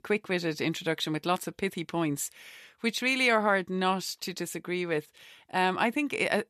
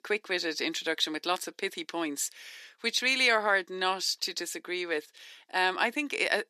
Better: first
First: none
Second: thin; somewhat; fading below 300 Hz

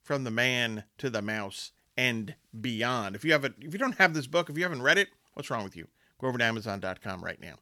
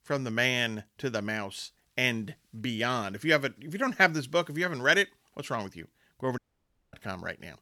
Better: first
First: none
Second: audio cutting out; at 6.5 s for 0.5 s

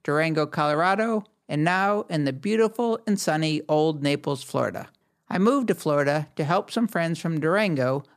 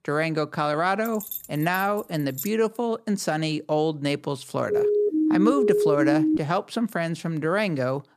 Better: first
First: none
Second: jangling keys; noticeable; from 1 to 2.5 s; peak 8 dB below the speech // siren; loud; from 4.5 to 6.5 s; peak 4 dB above the speech

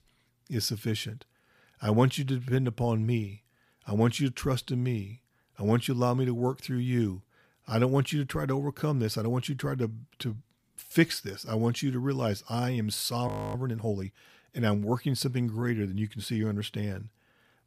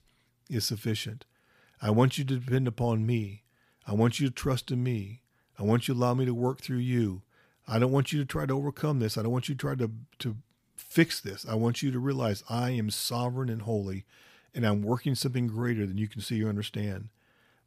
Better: second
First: audio freezing; at 13 s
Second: none

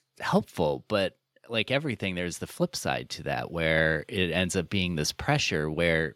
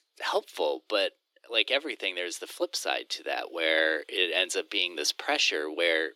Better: first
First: none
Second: thin; very; fading below 300 Hz

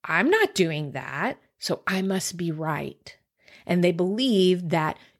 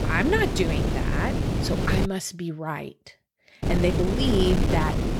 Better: first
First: none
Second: wind noise on the microphone; heavy; until 2 s and from 3.5 s on; 3 dB below the speech

